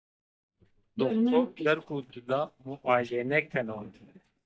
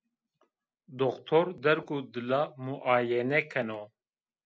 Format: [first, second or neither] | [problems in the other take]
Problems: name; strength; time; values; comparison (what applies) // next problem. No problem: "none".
second | noise reduction (neural mask model DeepFilterNet 3)